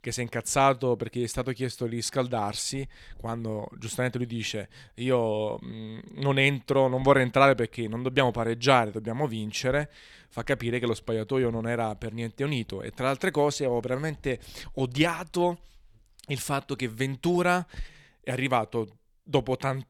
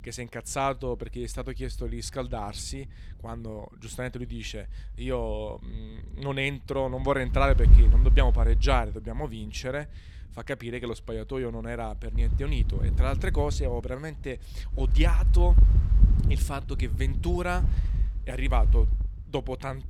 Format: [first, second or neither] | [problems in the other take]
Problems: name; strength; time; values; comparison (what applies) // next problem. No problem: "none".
first | wind noise on the microphone; occasional gusts; 10 dB below the speech